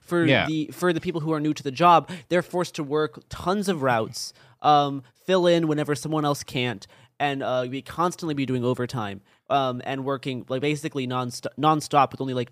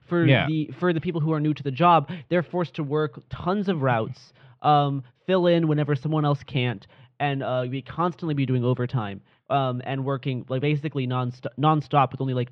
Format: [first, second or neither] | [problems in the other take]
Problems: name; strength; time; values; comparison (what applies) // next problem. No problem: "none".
first | muffled; slightly; fading above 3 kHz